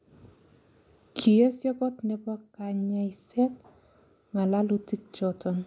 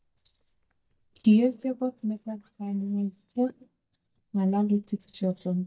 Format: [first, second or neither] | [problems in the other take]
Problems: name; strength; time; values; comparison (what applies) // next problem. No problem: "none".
first | noise reduction (neural mask model DeepFilterNet 3)